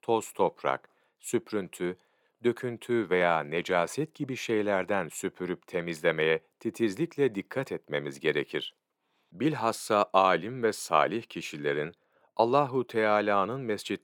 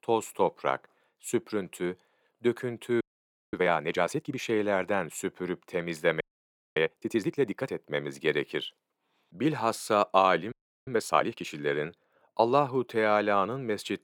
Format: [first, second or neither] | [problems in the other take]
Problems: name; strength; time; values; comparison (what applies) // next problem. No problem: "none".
first | audio freezing; at 3 s for 0.5 s, at 6 s for 0.5 s and at 11 s